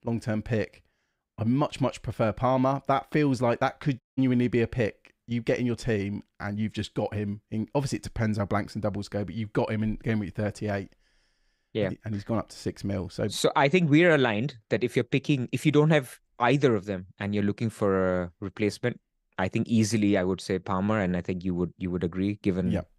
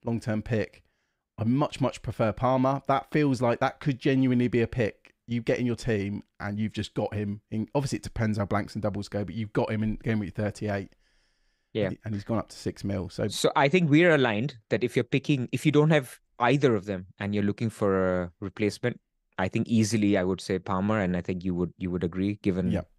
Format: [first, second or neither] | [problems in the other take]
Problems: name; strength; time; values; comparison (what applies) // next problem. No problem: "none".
second | audio cutting out; at 4 s